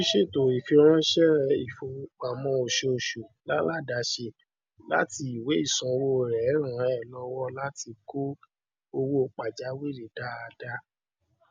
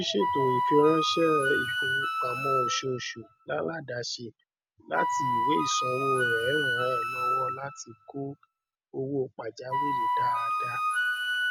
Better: first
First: none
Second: background sound (Wind instrument, woodwind instrument); 1 dB above the speech

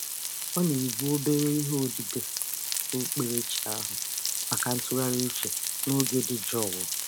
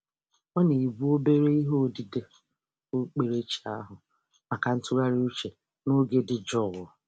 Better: second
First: background sound (Frying (food)); 1 dB below the speech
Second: none

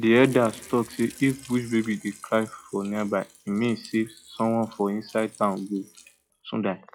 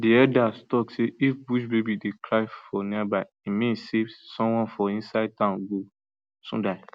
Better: second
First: noise reduction (classical method log-MMSE)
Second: none

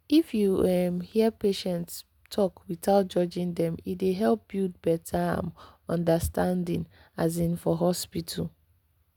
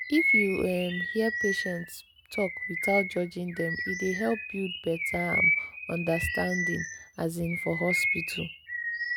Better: first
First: none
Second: background sound (Bird vocalization, bird call, bird song); as loud as the speech

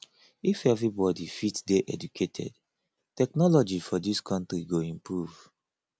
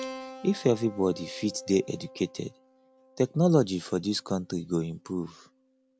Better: first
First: none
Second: background sound (Keyboard (musical)); 18 dB below the speech

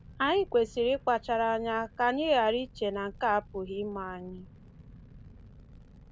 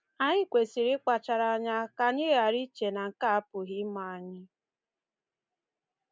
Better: second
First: background sound (Fire); 20 dB below the speech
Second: none

